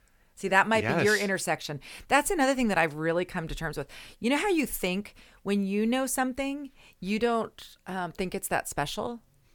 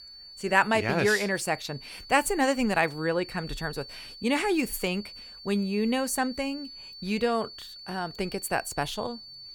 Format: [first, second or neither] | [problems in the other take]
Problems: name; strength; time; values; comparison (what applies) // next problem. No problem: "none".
first | high-pitched whine; noticeable; throughout; 4.5 kHz, 15 dB below the speech